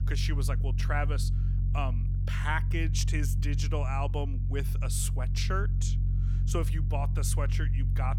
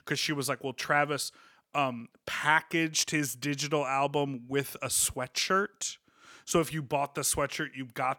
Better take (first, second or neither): second